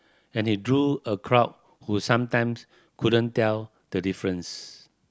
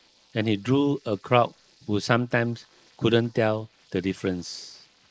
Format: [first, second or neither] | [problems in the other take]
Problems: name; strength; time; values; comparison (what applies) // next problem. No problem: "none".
first | noise reduction (neural mask model Resemble Enhance denoiser)